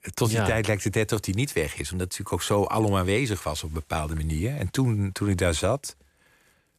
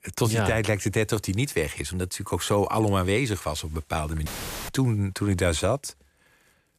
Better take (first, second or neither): first